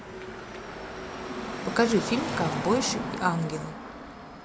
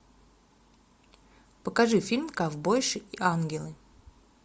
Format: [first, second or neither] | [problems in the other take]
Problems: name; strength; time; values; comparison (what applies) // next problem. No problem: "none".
second | background sound (Car passing by / Traffic noise, roadway noise); 4 dB below the speech